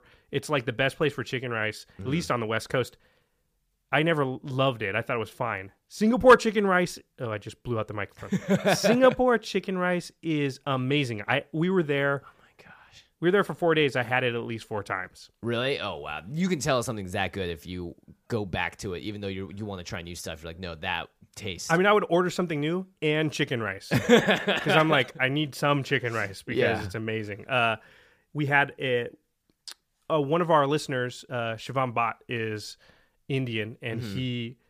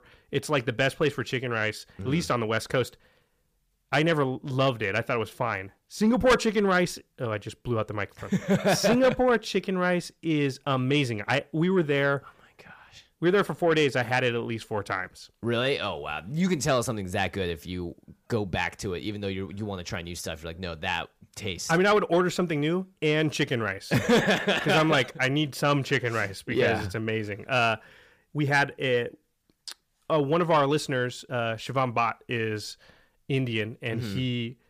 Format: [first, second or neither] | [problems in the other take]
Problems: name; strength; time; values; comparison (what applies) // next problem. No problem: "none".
first | distortion; slight; 10 dB below the speech